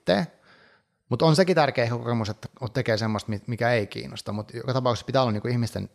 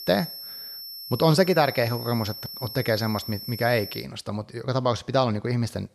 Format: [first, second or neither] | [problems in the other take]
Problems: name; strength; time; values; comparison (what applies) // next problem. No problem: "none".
first | high-pitched whine; loud; until 4 s; 5.5 kHz, 10 dB below the speech